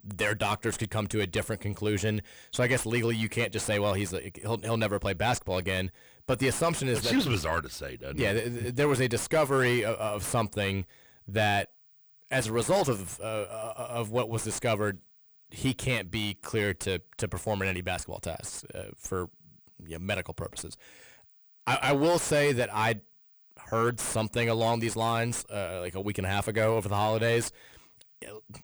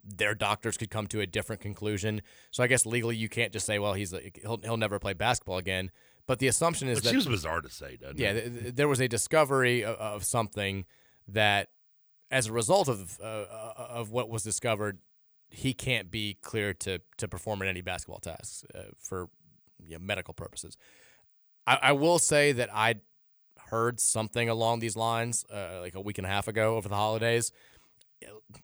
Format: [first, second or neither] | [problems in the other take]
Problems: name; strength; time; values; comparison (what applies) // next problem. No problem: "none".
second | distortion; heavy; 7 dB below the speech